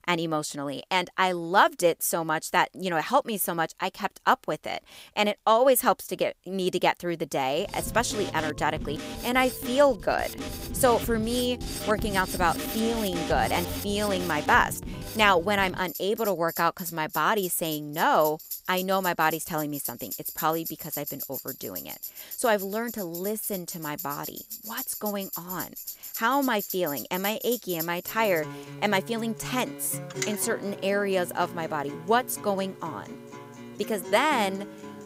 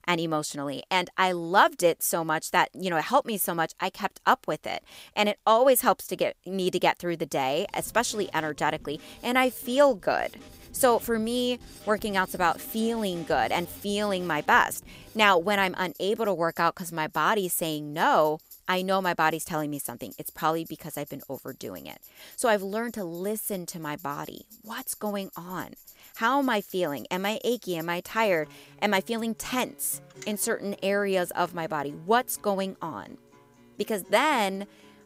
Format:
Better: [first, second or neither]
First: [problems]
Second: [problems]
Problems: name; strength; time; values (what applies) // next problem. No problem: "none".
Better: second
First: background music; loud; from 7.5 s on; 10 dB below the speech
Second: background music; faint; from 7.5 s on; 25 dB below the speech